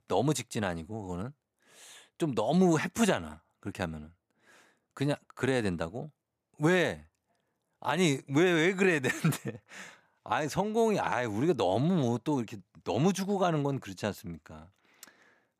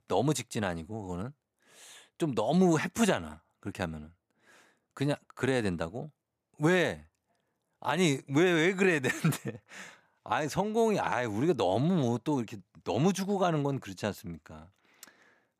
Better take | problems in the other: neither | none

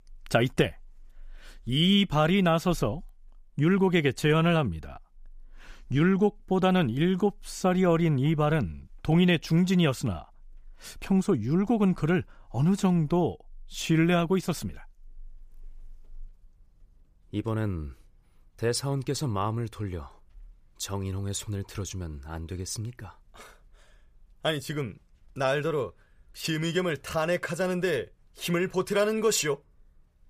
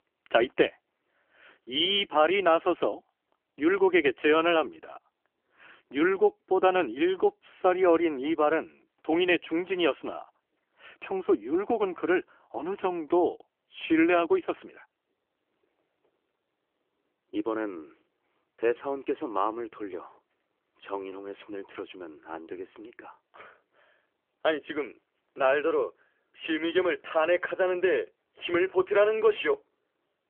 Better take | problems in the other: first | phone-call audio; nothing above 3.5 kHz

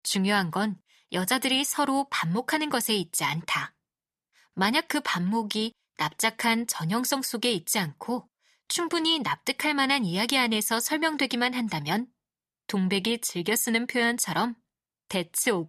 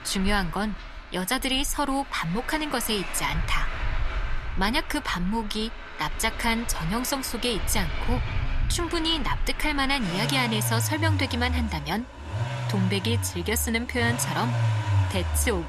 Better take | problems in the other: first | traffic noise; loud; throughout; 4 dB below the speech

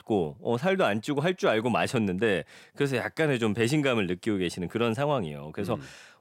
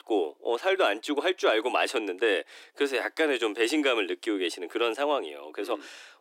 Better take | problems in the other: first | thin; somewhat; fading below 300 Hz

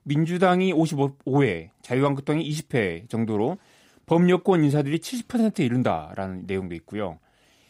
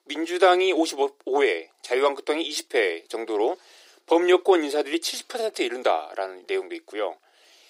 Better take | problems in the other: first | thin; very; fading below 350 Hz

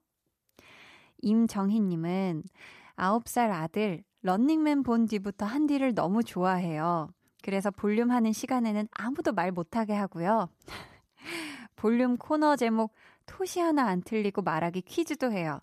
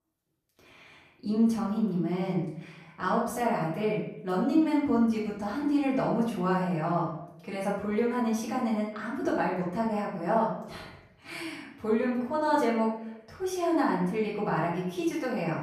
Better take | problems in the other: first | off-mic speech; far // room echo; noticeable; dies away in 0.7 s

